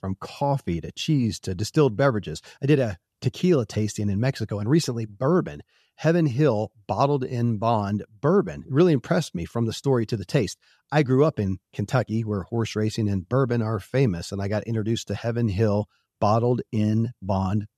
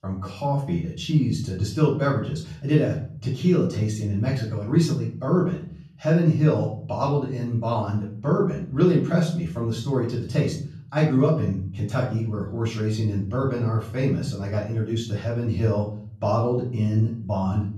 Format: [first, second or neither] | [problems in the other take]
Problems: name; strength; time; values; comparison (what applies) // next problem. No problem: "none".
first | off-mic speech; far // room echo; slight; dies away in 0.6 s